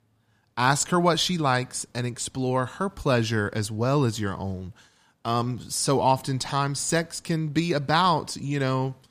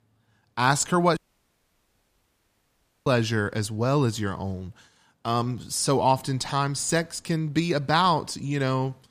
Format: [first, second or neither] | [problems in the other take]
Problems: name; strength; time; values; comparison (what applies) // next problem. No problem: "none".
first | audio cutting out; at 1 s for 2 s